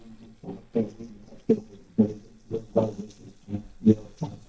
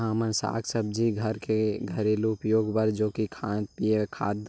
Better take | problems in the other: second | noise reduction (neural mask model DeepFilterNet 3)

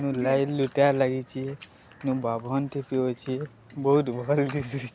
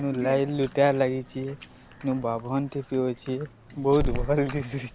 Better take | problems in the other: first | background sound (Growling); 10 dB below the speech

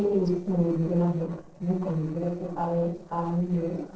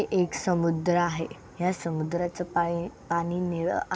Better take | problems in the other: second | noise reduction (neural separator model SepFormer DNS4)

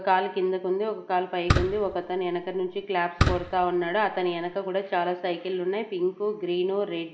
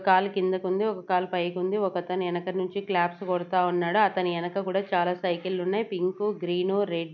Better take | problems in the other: second | background sound (Fireworks); 3 dB below the speech // room echo; dies away in 0.8 s

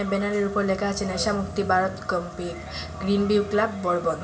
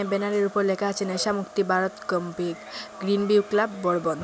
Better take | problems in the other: second | background sound (Motorcycle / Crow); 14 dB below the speech // room echo; dies away in 0.5 s

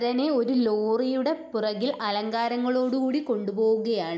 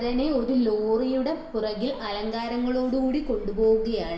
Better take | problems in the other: first | background sound (Cricket / Motor vehicle (road)); 14 dB below the speech // room echo; dies away in 1.6 s

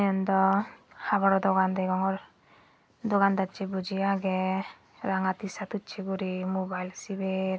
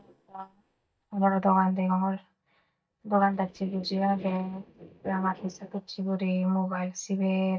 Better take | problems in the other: first | noise reduction (neural mask model DeepFilterNet 3)

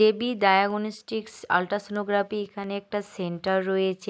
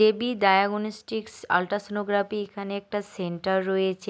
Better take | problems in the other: second | noise reduction (neural mask model Resemble Enhance denoiser)

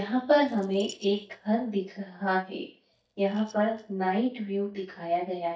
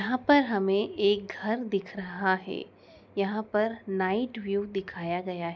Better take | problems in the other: second | noise reduction (neural mask model DeepFilterNet 3)

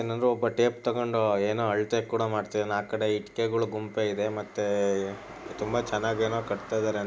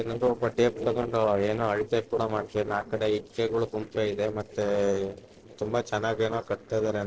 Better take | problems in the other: first | noise reduction (neural separator model SepFormer DNS4)

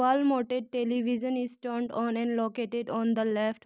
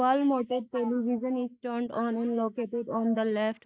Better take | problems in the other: first | noise reduction (neural mask model Resemble Enhance denoiser)

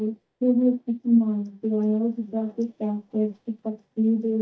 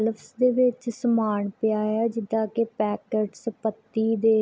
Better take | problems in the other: second | noise reduction (neural mask model DeepFilterNet 3)

